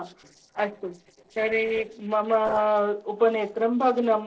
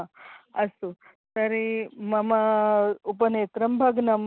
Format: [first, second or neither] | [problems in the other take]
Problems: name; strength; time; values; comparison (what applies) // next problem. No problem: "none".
second | noise reduction (neural separator model SepFormer DNS4)